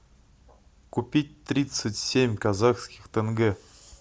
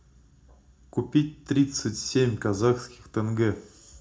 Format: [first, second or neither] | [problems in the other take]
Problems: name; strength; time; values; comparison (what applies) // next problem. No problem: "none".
first | room echo; dies away in 0.3 s